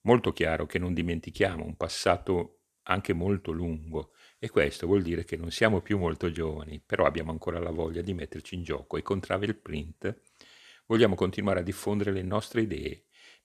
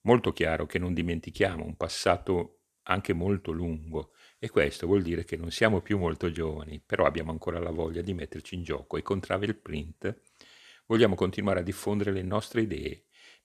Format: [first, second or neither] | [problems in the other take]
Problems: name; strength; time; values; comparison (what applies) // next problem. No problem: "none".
neither | none